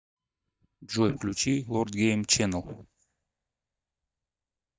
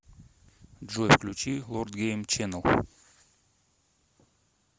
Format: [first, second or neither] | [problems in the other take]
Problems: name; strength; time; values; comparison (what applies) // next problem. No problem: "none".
second | noise reduction (neural mask model DeepFilterNet 3)